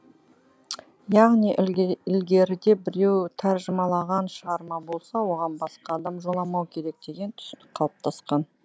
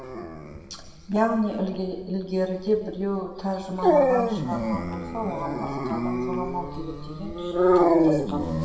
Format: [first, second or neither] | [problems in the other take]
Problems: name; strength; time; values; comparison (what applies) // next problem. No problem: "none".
first | background sound (Dog); 3 dB above the speech // room echo; dies away in 1.4 s